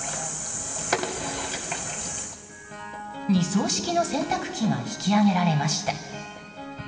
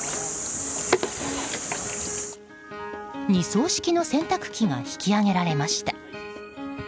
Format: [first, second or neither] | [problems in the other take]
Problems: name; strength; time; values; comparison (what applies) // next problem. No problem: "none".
second | room echo; dies away in 2.3 s